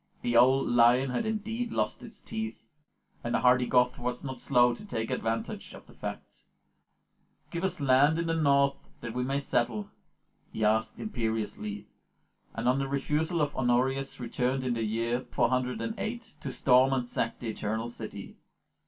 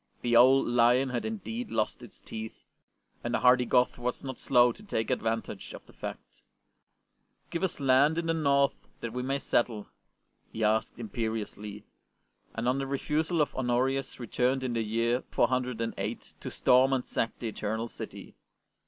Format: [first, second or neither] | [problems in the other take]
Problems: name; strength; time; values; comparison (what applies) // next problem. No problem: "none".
second | room echo; dies away in 0.2 s